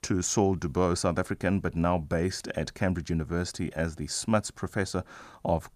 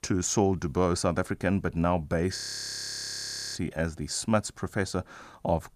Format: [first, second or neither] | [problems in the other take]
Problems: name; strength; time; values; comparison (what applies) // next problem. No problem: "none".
first | audio freezing; at 2.5 s for 1 s